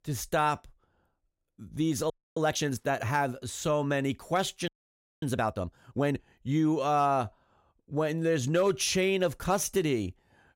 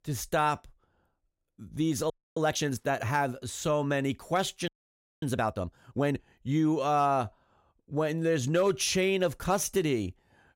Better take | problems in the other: neither | audio freezing; at 2 s and at 4.5 s for 0.5 s; the same in both

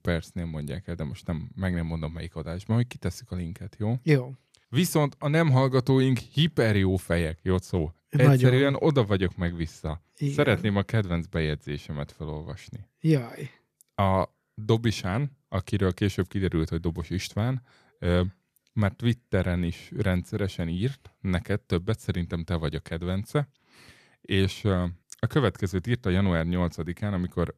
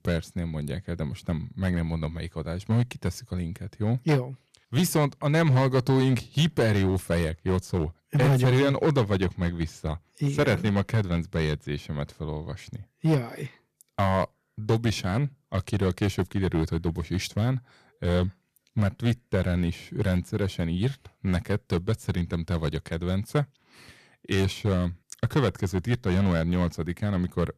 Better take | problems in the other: first | distortion; slight; 5% of the sound clipped

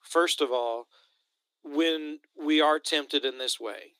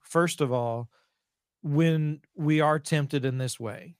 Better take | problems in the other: second | thin; somewhat; fading below 300 Hz

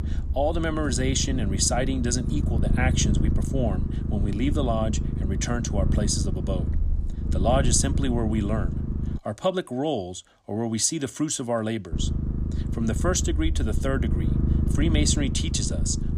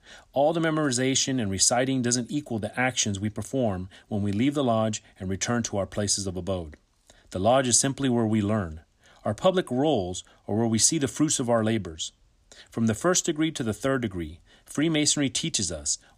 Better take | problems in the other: second | low rumble; loud; until 9 s and from 12 s on; 9 dB below the speech

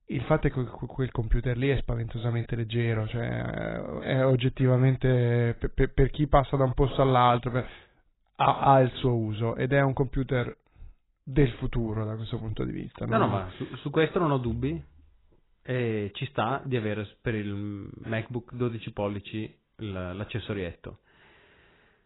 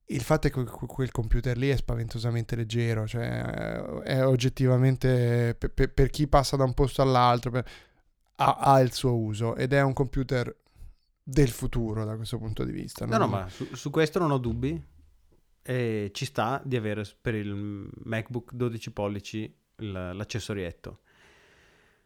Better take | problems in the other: second | garbled, watery; badly; nothing above 4 kHz

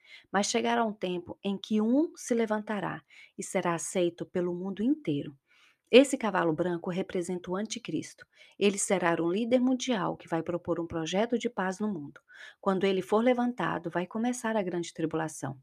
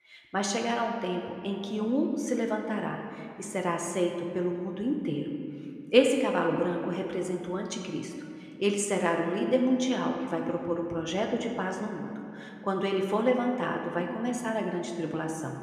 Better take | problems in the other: first | room echo; slight; dies away in 2 s

